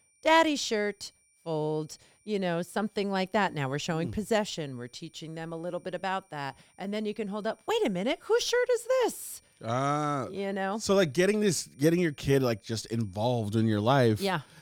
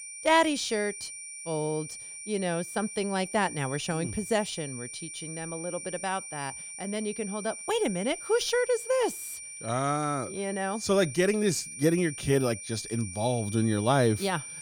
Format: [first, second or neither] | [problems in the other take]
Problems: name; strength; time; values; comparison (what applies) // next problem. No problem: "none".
first | high-pitched whine; loud; throughout; 9 kHz, 10 dB below the speech; faint in the first